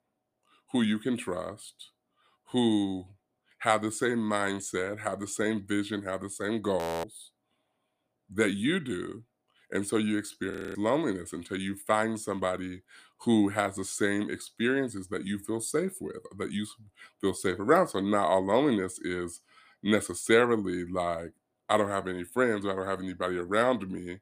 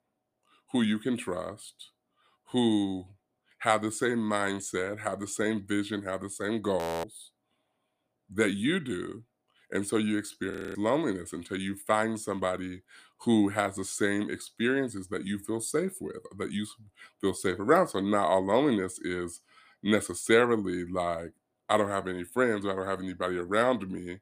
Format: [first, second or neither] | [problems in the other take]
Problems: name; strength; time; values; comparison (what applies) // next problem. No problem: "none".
neither | audio freezing; at 7 s and at 11 s; the same in both